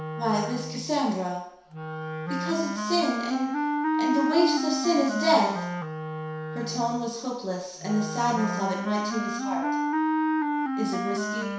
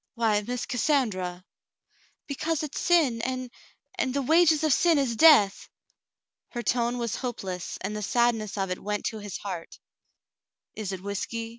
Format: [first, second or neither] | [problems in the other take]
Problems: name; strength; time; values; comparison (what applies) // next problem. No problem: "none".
second | background sound (Wind instrument, woodwind instrument); 1 dB below the speech // room echo; dies away in 0.7 s